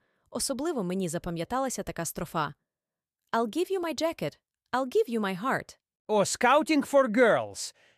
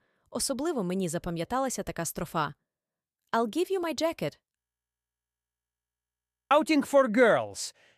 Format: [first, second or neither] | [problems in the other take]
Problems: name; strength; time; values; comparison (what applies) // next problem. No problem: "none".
first | audio freezing; at 4.5 s for 2 s